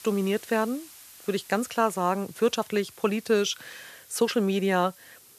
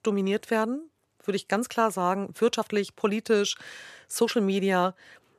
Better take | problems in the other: second | hiss; faint; throughout; 20 dB below the speech

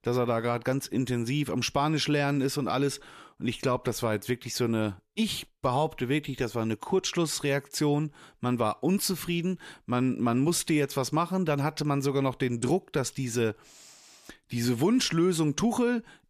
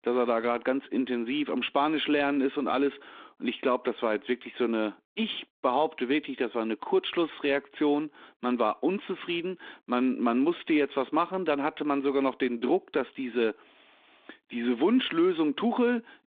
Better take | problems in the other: first | phone-call audio

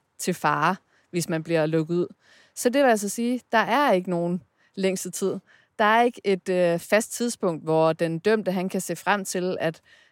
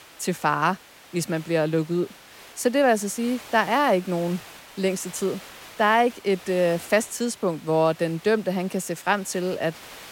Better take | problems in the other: first | hiss; noticeable; throughout; 20 dB below the speech

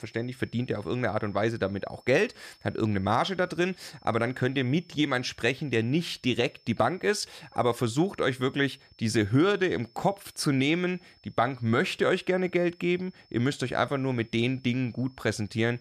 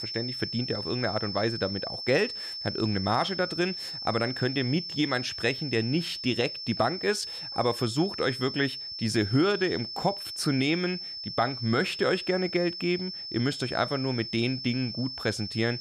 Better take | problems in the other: first | high-pitched whine; loud; throughout; 5.5 kHz, 6 dB below the speech; faint in the first

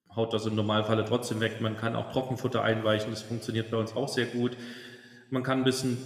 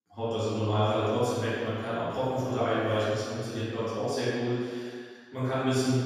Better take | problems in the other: first | room echo; strong; dies away in 1.8 s; slight in the first // off-mic speech; far

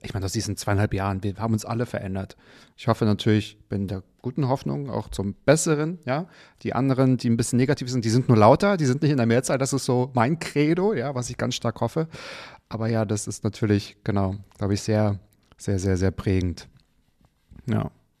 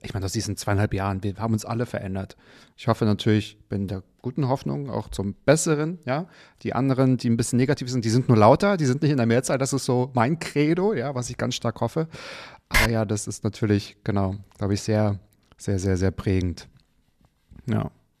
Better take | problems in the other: first | keyboard typing; loud; at 13 s; peak 2 dB above the speech

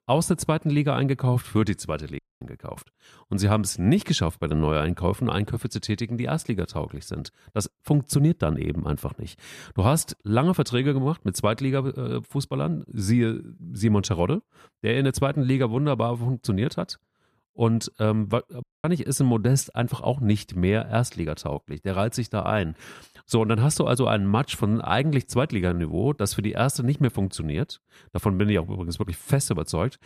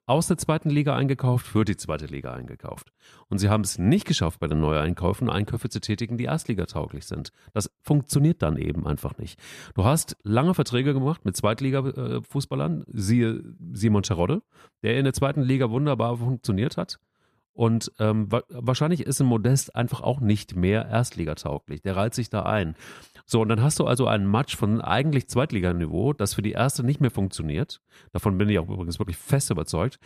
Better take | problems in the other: second | audio cutting out; at 2 s and at 19 s

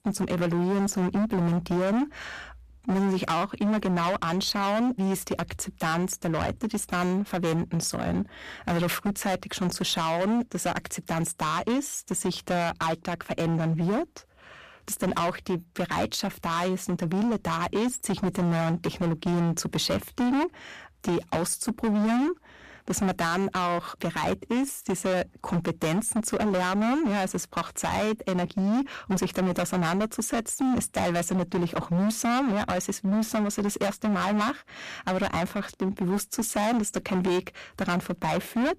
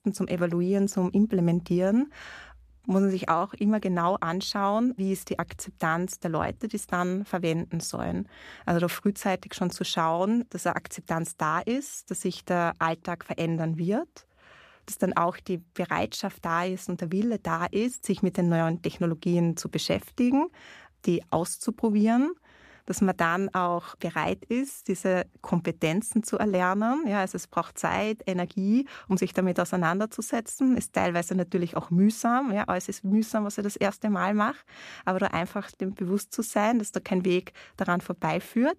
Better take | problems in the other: second | distortion; heavy; 21% of the sound clipped

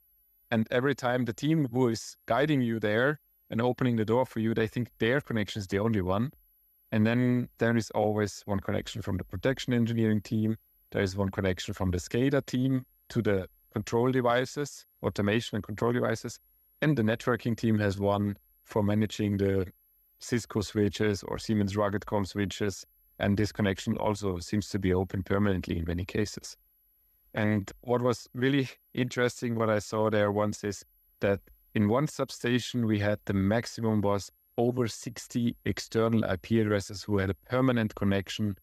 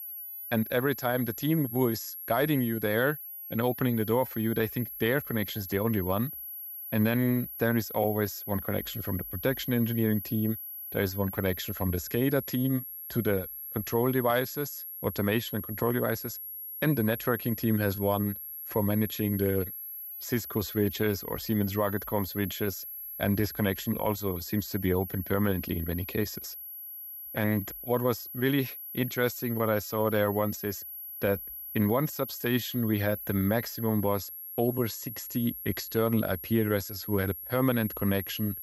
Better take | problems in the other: first | high-pitched whine; loud; throughout; 11.5 kHz, 8 dB below the speech; faint in the first

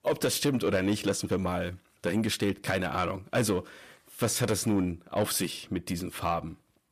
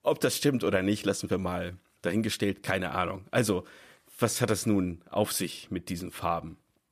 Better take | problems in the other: second | distortion; slight; 10 dB below the speech

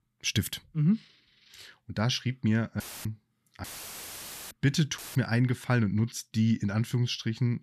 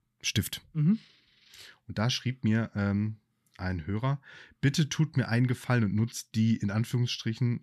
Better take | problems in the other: second | audio cutting out; filled with static; at 3 s, at 3.5 s for 1 s and at 5 s

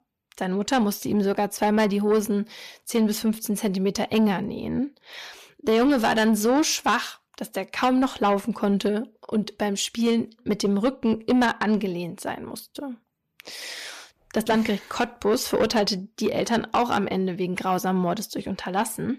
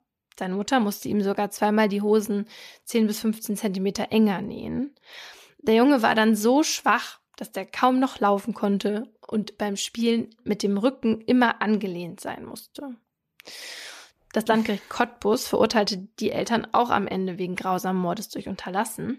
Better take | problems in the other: second | distortion; slight; 10 dB below the speech

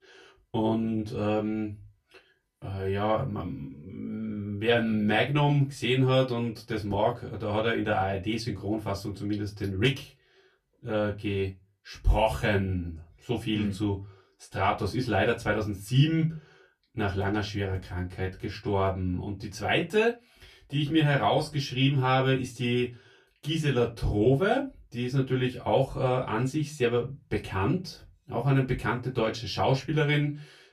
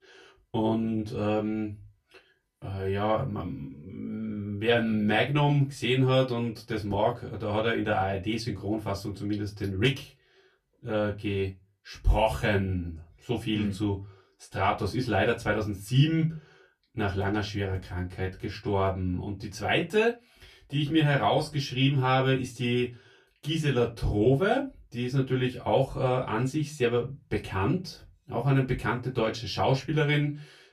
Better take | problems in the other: neither | off-mic speech; far; the same in both // room echo; very slight; dies away in 0.2 s; the same in both

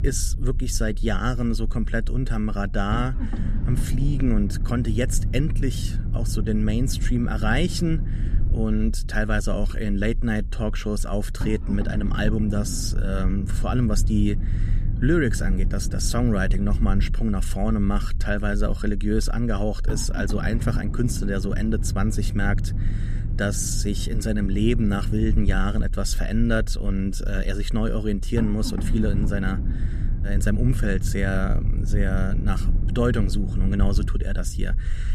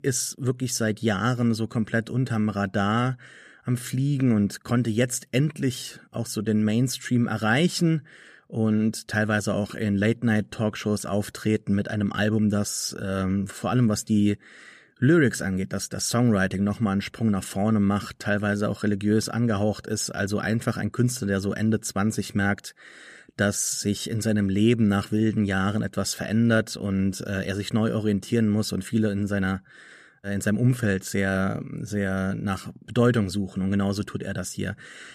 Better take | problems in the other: second | low rumble; noticeable; throughout; 10 dB below the speech

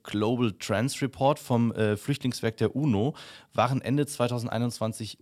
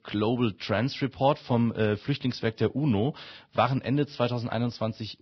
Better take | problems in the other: first | garbled, watery; badly; nothing above 5.5 kHz

